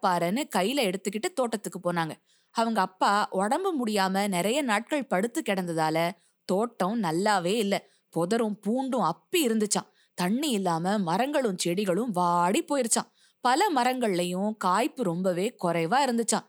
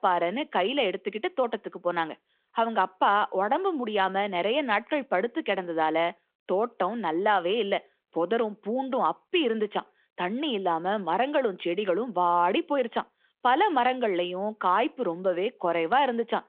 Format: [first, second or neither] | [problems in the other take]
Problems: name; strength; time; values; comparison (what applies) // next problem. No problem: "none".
first | phone-call audio